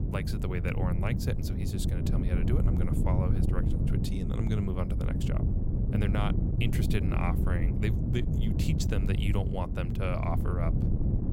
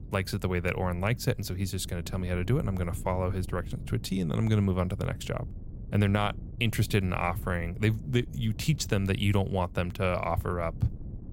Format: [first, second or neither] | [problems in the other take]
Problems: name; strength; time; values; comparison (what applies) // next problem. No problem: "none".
second | wind noise on the microphone; heavy; 3 dB below the speech; occasional gusts in the second